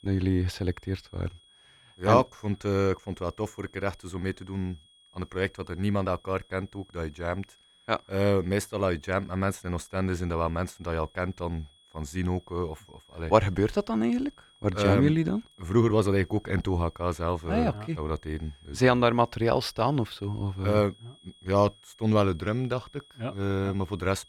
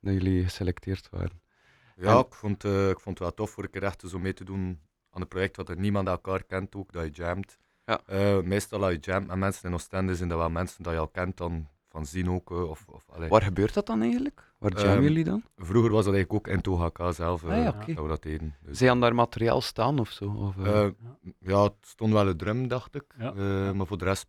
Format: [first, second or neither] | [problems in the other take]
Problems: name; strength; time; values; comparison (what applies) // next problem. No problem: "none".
second | high-pitched whine; faint; throughout; 3.5 kHz, 30 dB below the speech